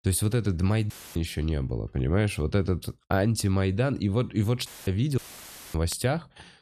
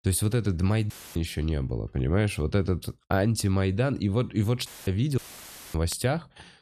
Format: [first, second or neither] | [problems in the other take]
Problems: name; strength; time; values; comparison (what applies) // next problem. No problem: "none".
neither | audio cutting out; filled with static; at 1 s, at 4.5 s and at 5 s for 0.5 s; the same in both